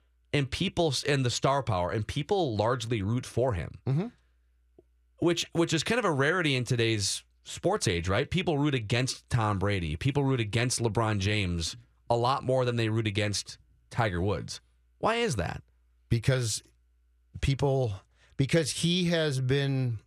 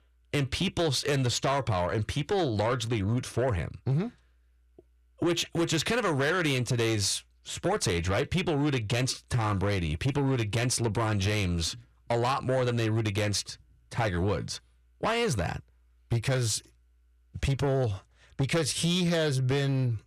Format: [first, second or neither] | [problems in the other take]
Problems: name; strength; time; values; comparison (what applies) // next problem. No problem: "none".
first | distortion; slight; 10 dB below the speech